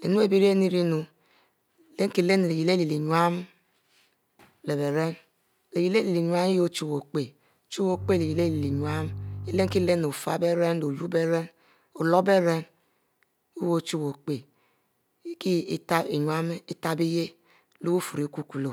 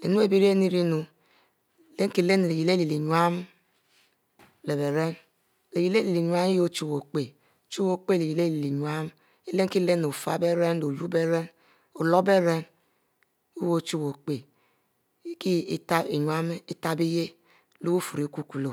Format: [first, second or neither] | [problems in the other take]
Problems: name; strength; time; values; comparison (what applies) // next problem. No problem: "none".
second | background sound (Bowed string instrument); 9 dB below the speech